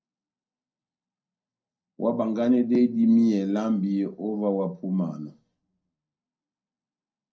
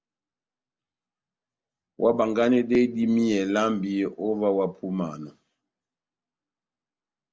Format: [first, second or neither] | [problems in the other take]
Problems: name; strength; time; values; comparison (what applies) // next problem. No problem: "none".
second | room echo; dies away in 0.2 s